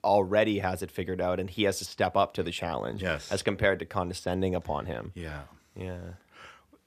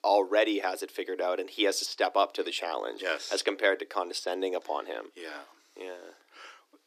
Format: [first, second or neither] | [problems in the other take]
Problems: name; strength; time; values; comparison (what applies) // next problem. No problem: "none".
first | thin; somewhat; fading below 300 Hz